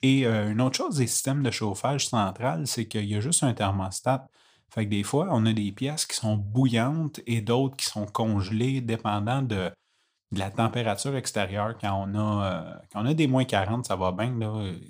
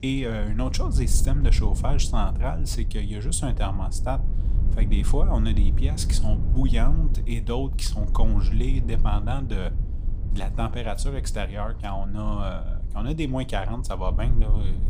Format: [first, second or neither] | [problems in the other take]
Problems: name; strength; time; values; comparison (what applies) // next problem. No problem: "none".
first | low rumble; noticeable; throughout; 10 dB below the speech